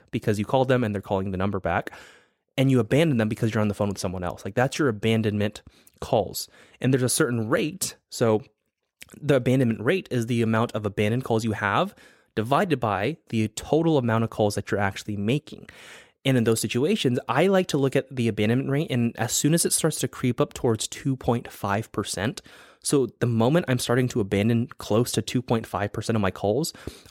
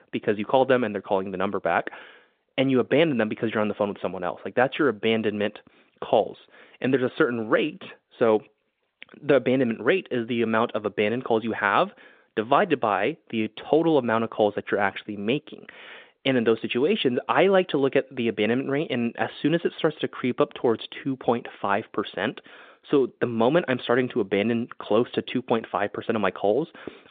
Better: first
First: none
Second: phone-call audio

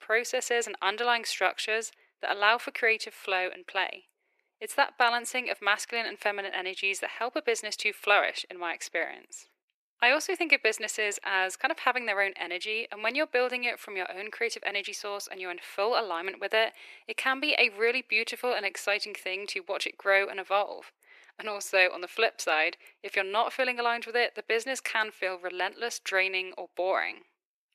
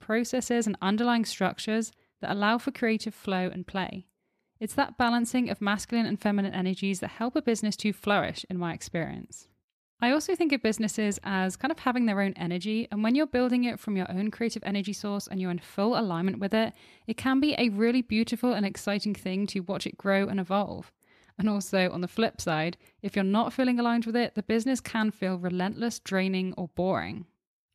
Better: second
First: thin; very; fading below 400 Hz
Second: none

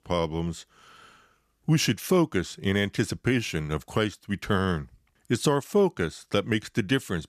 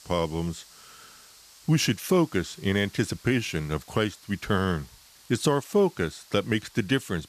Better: first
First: none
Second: hiss; faint; throughout; 25 dB below the speech

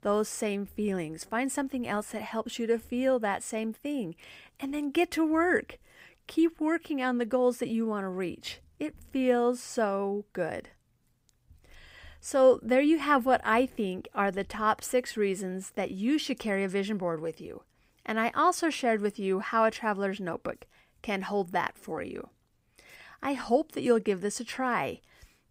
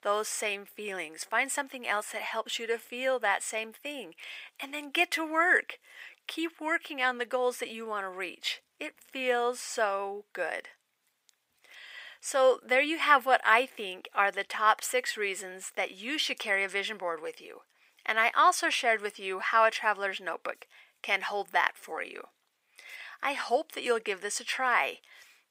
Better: first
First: none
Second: thin; very; fading below 650 Hz

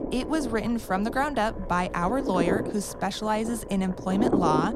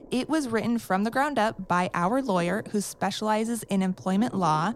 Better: second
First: low rumble; loud; throughout; 6 dB below the speech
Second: low rumble; faint; throughout; 25 dB below the speech

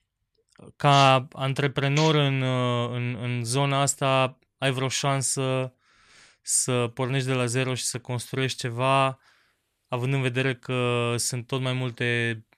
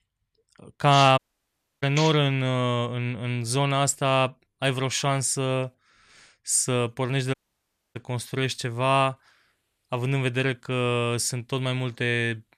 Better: first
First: none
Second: audio cutting out; at 1 s for 0.5 s and at 7.5 s for 0.5 s

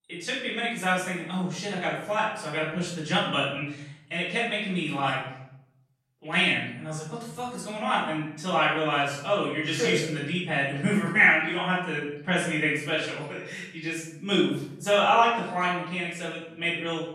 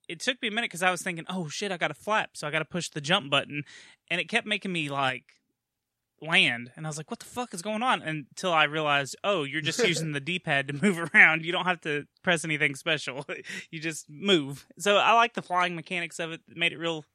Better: second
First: off-mic speech; far // room echo; noticeable; dies away in 0.7 s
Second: none

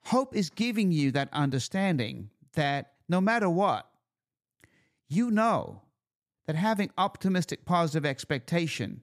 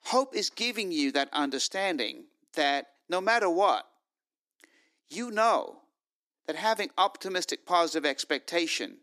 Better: first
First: none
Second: thin; somewhat; fading below 300 Hz

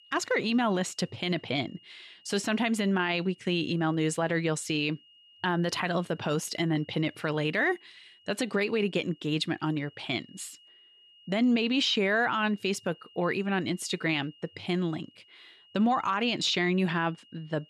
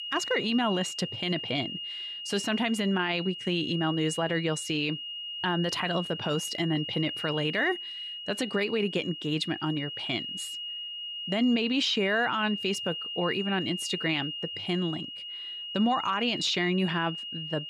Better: first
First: high-pitched whine; faint; throughout; 3 kHz, 25 dB below the speech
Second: high-pitched whine; loud; throughout; 3 kHz, 6 dB below the speech

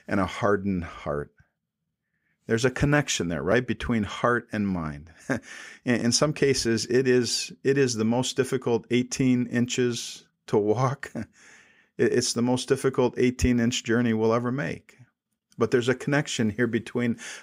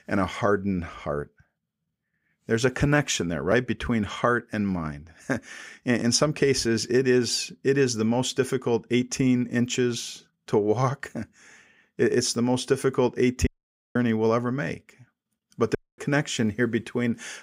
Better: first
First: none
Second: audio cutting out; at 13 s and at 16 s

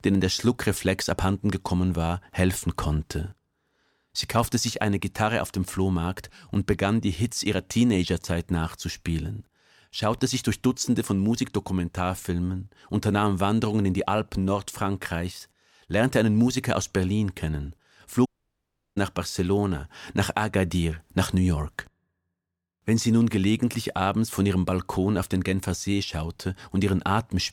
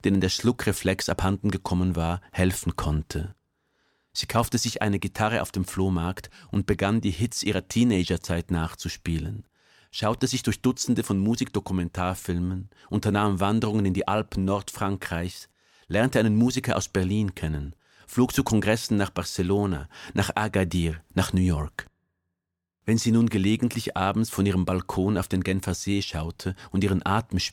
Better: second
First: audio cutting out; at 18 s for 0.5 s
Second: none

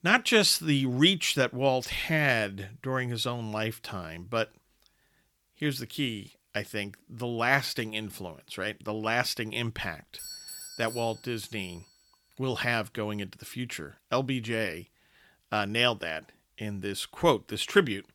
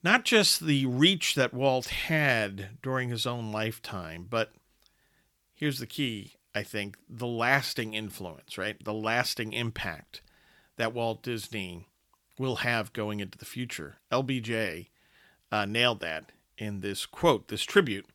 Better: second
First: doorbell; faint; from 10 to 12 s; peak 10 dB below the speech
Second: none

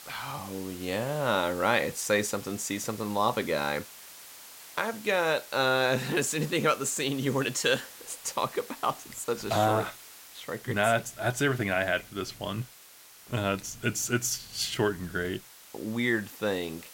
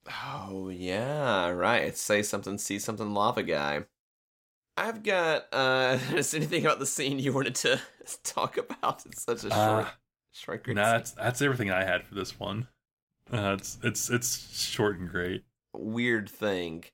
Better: second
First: hiss; noticeable; throughout; 15 dB below the speech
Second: none

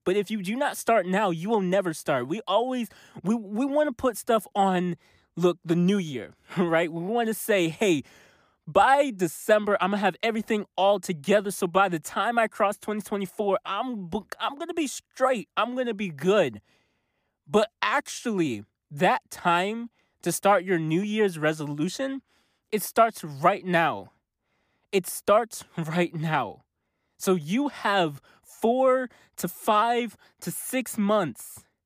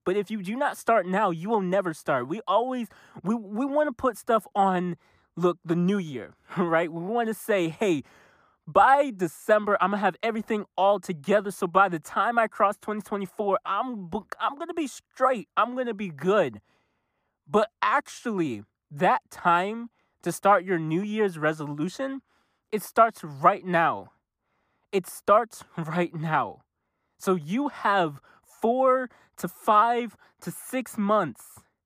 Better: first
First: none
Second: muffled; very slightly; fading above 2 kHz

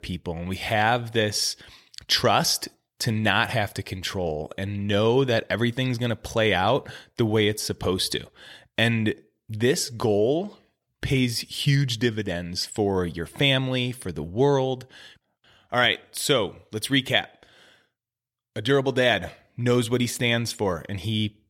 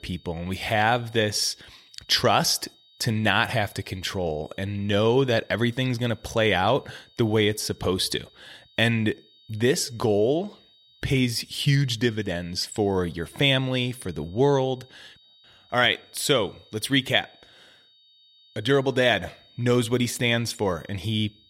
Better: first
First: none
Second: high-pitched whine; faint; throughout; 4 kHz, 30 dB below the speech

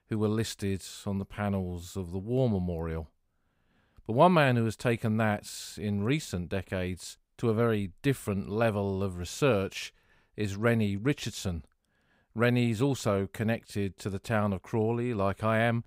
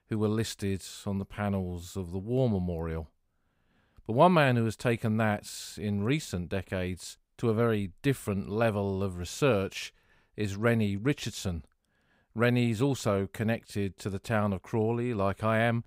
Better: neither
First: none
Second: none

